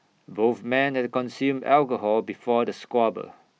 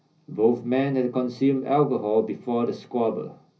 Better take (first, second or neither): first